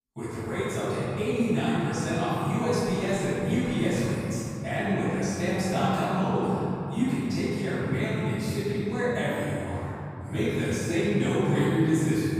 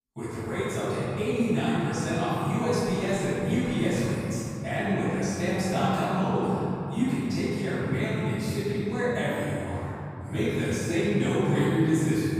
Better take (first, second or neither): neither